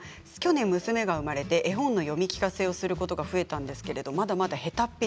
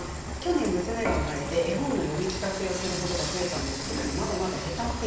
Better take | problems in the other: first | background sound (Frying (food) / Dishes, pots, and pans); 3 dB below the speech // room echo; dies away in 0.9 s

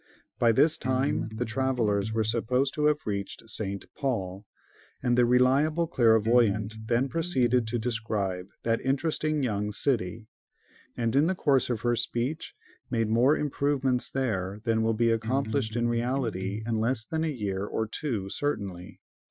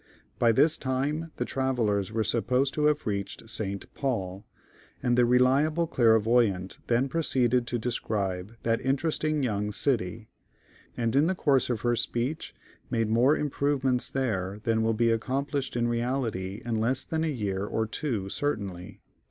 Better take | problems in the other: second | noise reduction (classical method Wiener filter)

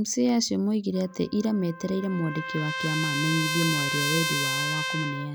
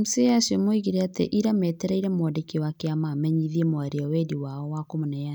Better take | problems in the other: second | background sound (Trumpet); 4 dB below the speech

